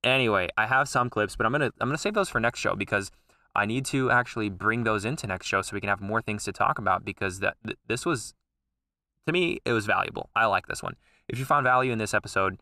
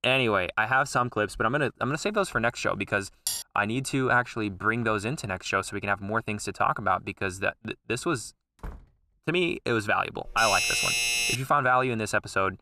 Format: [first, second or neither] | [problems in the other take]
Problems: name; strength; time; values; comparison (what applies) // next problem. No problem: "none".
first | clattering dishes; noticeable; at 3.5 s; peak 4 dB below the speech // door banging; faint; at 8.5 s; peak 20 dB below the speech // doorbell; loud; from 10 to 11 s; peak 4 dB above the speech